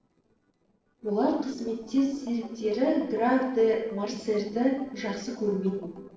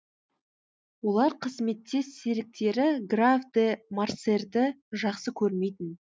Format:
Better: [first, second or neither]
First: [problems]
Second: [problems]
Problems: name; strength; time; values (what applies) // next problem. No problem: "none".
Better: second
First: noise reduction (neural separator model SepFormer DNS4)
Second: none